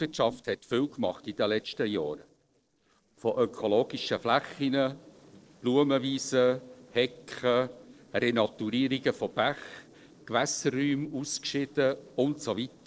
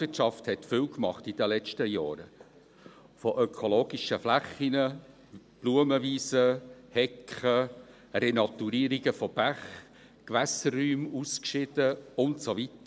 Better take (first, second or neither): second